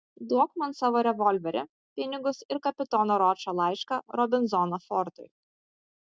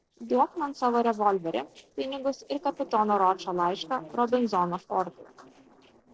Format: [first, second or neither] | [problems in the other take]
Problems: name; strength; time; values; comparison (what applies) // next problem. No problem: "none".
first | noise reduction (neural separator model SepFormer DNS4)